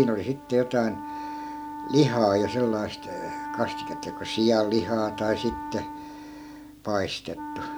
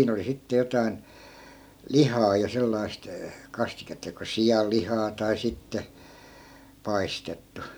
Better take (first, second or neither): second